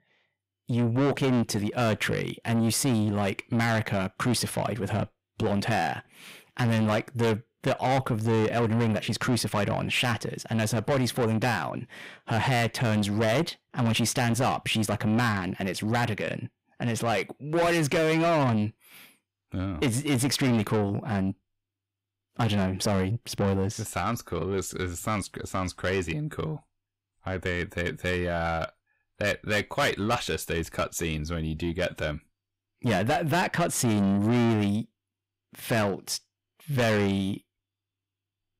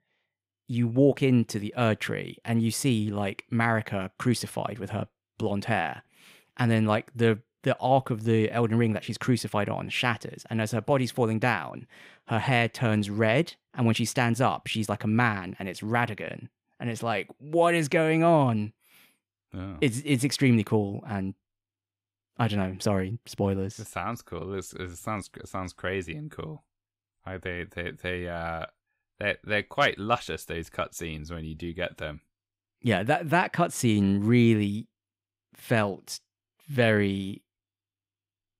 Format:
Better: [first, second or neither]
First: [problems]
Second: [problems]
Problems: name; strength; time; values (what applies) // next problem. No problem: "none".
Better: second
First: distortion; heavy; 6 dB below the speech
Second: none